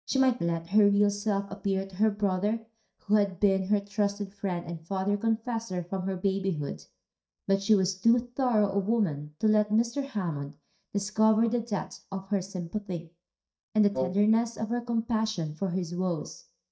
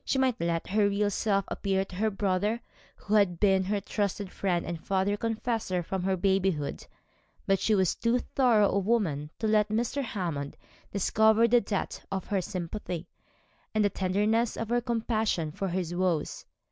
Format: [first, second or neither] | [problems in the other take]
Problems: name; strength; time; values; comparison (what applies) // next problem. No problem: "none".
second | noise reduction (neural mask model DeepFilterNet 3)